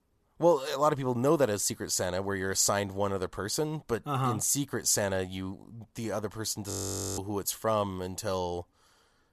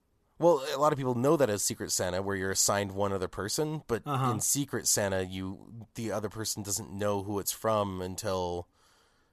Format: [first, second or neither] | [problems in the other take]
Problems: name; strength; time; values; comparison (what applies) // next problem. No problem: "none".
second | audio freezing; at 6.5 s